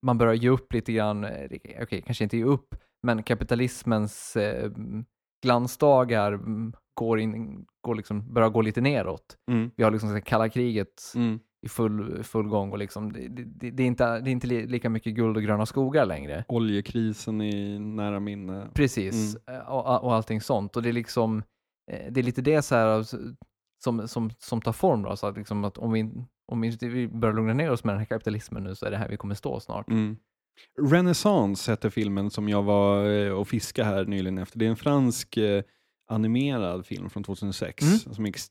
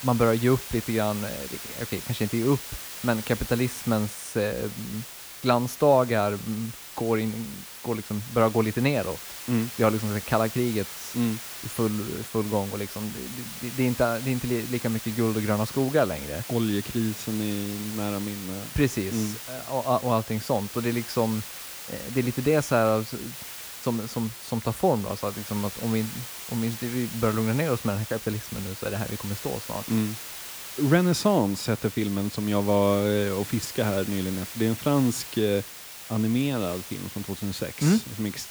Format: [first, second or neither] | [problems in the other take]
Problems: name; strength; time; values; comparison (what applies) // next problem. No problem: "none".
first | hiss; loud; throughout; 10 dB below the speech